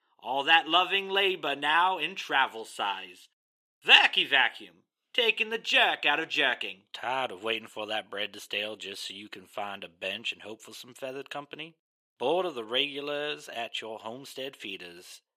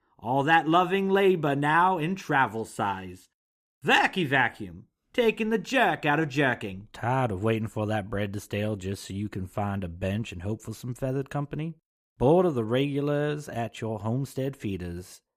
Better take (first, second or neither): second